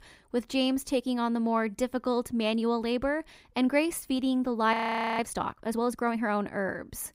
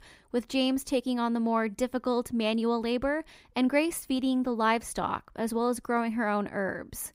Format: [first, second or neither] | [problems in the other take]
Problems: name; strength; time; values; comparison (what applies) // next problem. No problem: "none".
second | audio freezing; at 4.5 s